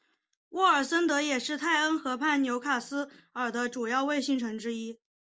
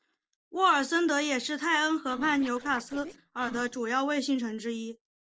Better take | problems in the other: first | noise reduction (neural separator model SepFormer DNS4)

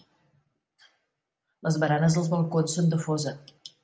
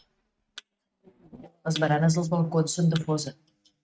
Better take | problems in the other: first | noise reduction (neural mask model RNNoise)

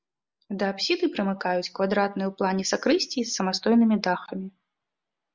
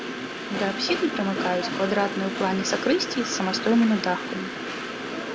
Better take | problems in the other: first | background sound (Train); 5 dB below the speech

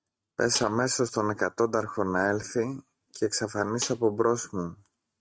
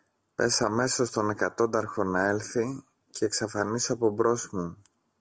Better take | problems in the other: second | noise reduction (neural mask model RNNoise)

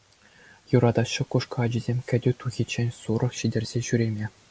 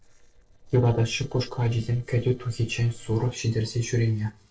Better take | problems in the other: first | noise reduction (neural separator model SepFormer DNS4)

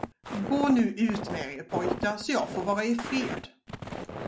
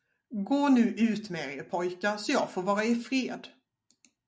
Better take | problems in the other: second | background sound (Walk, footsteps); 7 dB below the speech

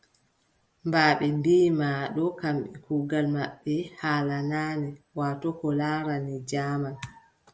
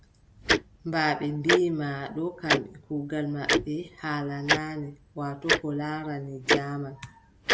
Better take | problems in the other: first | background sound (Tick-tock); 1 dB above the speech

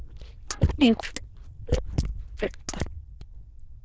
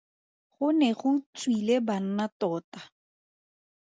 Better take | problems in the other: second | noise reduction (neural diffusion model UNIVERSE++)

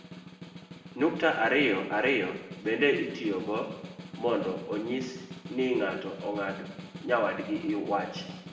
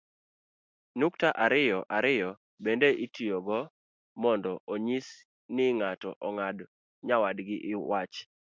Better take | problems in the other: second | background sound (Snare drum); 14 dB below the speech // room echo; dies away in 0.9 s

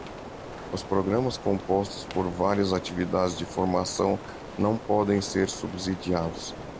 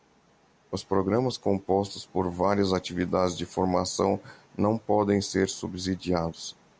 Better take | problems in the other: second | background sound (Rain); 12 dB below the speech

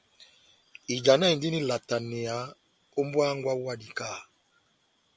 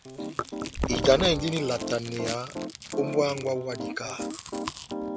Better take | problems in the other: first | background sound (Piano + Chewing, mastication); 5 dB below the speech

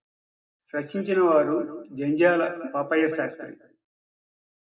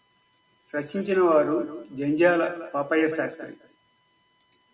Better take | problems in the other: second | noise reduction (neural mask model Resemble Enhance denoiser)

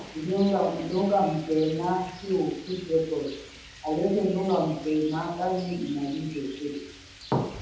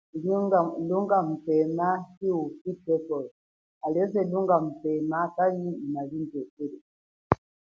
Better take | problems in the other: second | background sound (Rain); 19 dB below the speech // room echo; dies away in 1.1 s

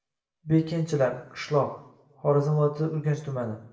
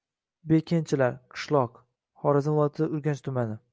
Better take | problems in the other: second | room echo; dies away in 0.6 s

